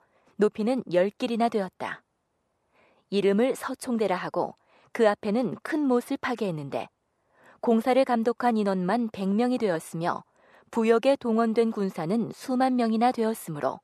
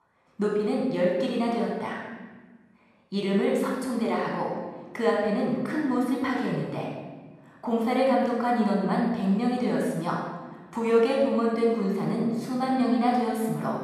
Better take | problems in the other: first | room echo; noticeable; dies away in 1.2 s // off-mic speech; far

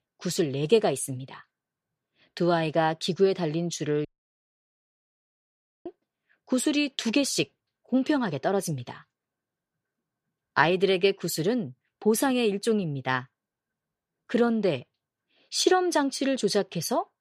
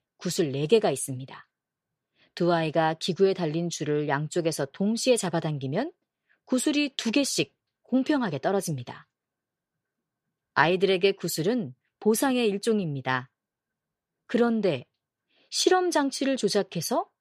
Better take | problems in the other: second | audio cutting out; at 4 s for 2 s

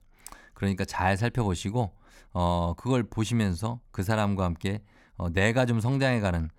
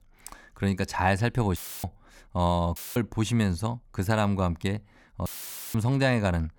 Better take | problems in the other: first | audio cutting out; filled with static; at 1.5 s, at 3 s and at 5.5 s

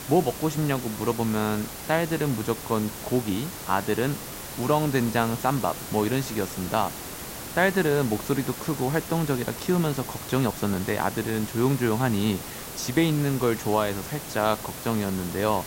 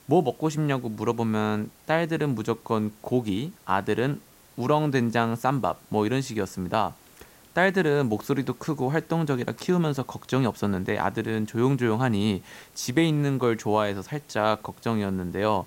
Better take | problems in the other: second | hiss; loud; throughout; 9 dB below the speech; faint in the second

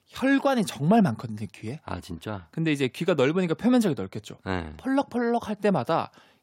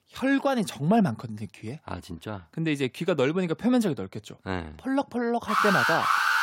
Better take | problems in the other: first | alarm; loud; at 5.5 s; peak 5 dB above the speech

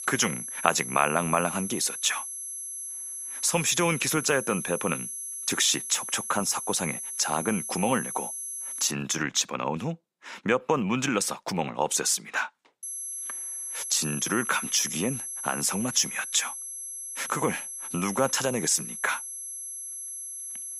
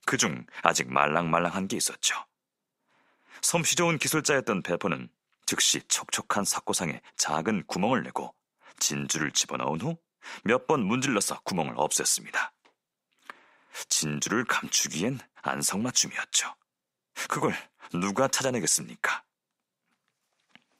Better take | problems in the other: second | high-pitched whine; loud; until 9 s and from 13 s on; 11 kHz, 6 dB below the speech

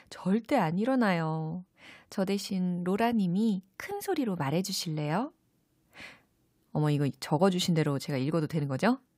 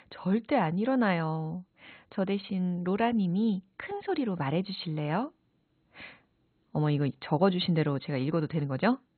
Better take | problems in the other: first | garbled, watery; badly; nothing above 4 kHz

